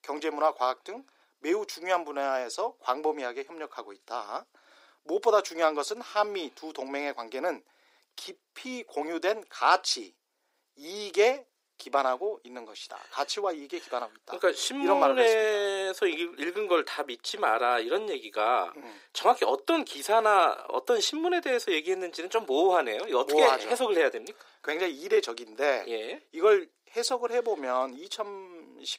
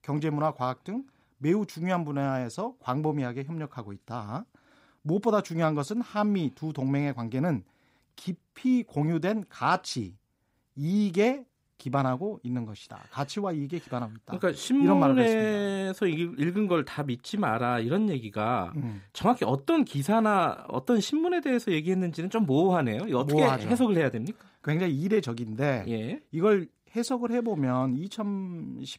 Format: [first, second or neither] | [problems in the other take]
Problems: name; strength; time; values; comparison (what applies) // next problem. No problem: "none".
second | thin; very; fading below 350 Hz